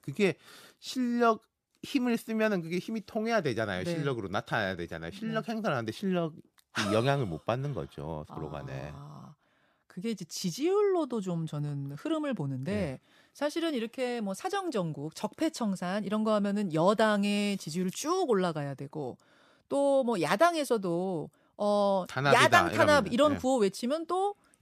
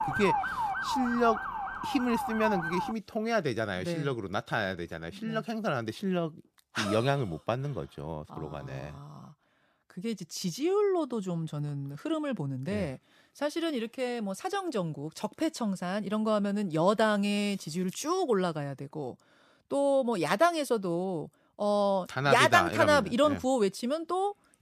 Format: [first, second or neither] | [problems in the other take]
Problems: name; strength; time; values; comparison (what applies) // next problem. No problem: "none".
first | siren; loud; until 3 s; peak level with the speech